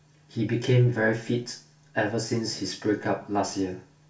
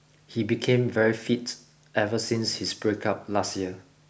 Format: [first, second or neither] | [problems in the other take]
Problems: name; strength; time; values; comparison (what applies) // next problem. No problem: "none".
second | room echo; dies away in 0.2 s